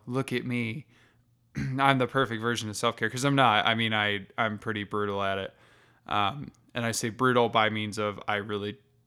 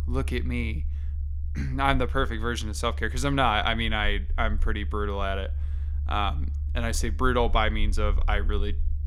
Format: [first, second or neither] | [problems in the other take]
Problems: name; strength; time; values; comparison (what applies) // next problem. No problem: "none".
first | low rumble; faint; throughout; 25 dB below the speech